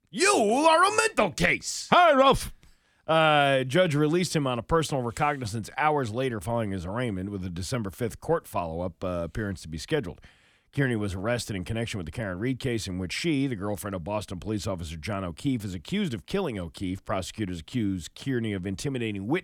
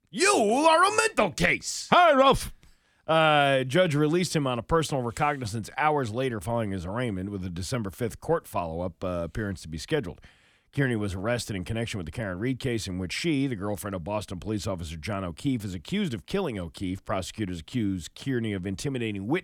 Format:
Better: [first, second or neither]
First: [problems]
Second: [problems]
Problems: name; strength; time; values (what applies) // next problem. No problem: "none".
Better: neither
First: none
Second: none